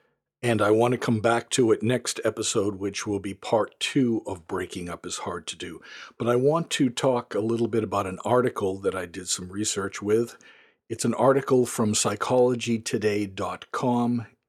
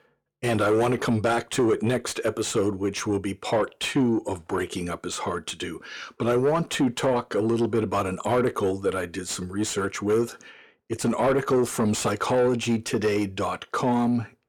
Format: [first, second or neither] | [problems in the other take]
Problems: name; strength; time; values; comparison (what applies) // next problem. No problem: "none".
first | distortion; slight; 10 dB below the speech